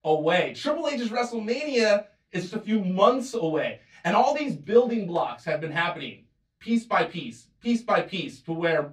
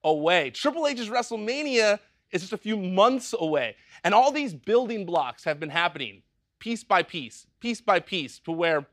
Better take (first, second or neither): second